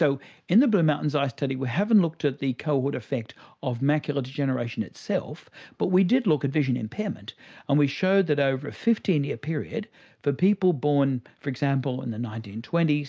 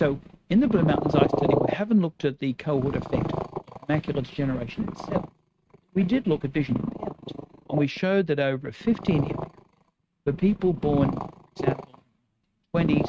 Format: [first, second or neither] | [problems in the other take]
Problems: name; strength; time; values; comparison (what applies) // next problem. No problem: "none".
first | noise reduction (neural mask model RNNoise)